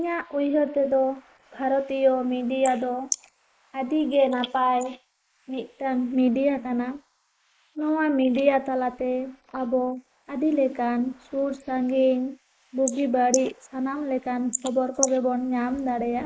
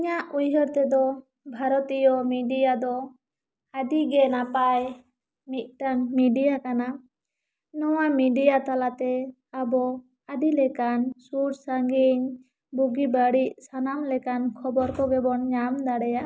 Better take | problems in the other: second | noise reduction (neural mask model Resemble Enhance denoiser)

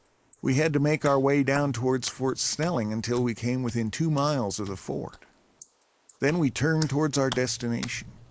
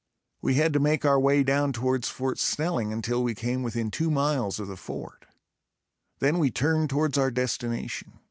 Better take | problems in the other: second | noise reduction (neural mask model Resemble Enhance denoiser)

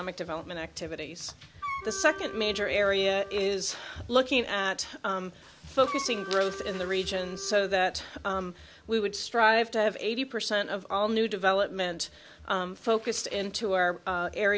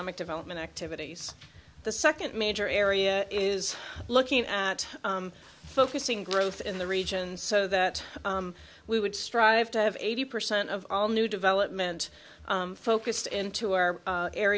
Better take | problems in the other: second | background sound (Wind instrument, woodwind instrument); 12 dB below the speech

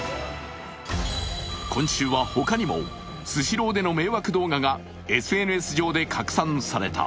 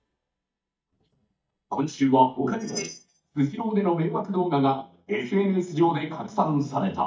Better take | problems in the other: first | noise reduction (neural mask model DeepFilterNet 3)

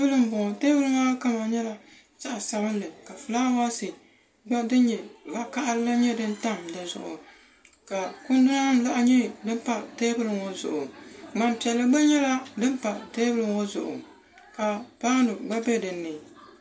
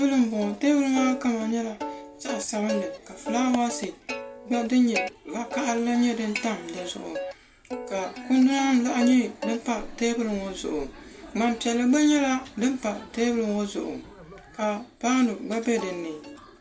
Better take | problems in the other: first | background sound (Plucked string instrument); 12 dB below the speech

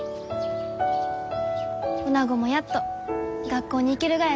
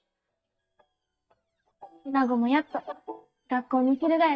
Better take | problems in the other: first | noise reduction (neural mask model DeepFilterNet 3)

